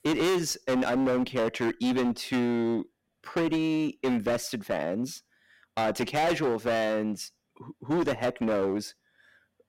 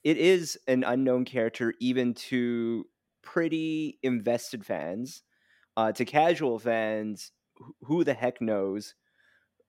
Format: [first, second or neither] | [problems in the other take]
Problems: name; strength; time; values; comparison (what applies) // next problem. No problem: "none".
second | distortion; heavy; 18% of the sound clipped